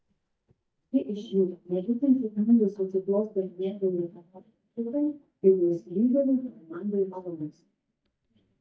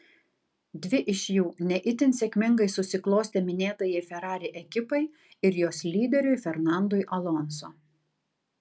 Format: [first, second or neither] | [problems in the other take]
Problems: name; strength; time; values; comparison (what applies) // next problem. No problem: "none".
second | noise reduction (neural mask model DeepFilterNet 3)